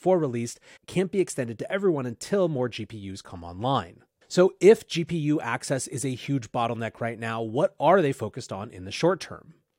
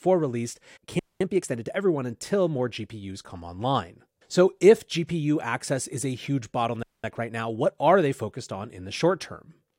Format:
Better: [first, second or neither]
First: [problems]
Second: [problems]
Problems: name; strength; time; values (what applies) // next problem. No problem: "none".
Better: first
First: none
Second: audio freezing; at 1 s and at 7 s